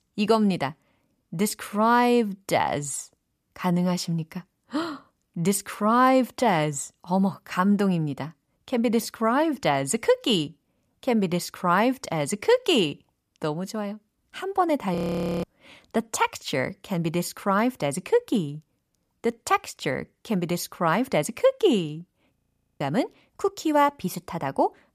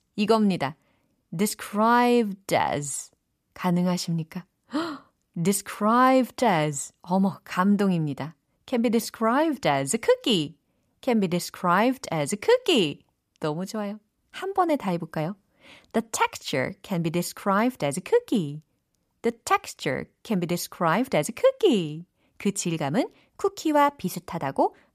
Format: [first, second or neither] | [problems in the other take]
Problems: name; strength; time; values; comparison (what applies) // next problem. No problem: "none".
second | audio freezing; at 15 s and at 22 s